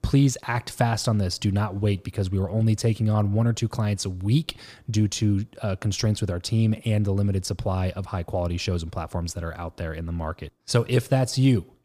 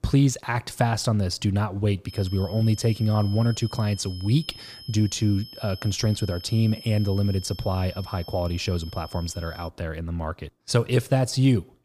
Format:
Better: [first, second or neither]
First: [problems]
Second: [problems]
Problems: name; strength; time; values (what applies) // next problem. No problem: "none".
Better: first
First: none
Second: high-pitched whine; noticeable; from 2 to 9.5 s; 5 kHz, 15 dB below the speech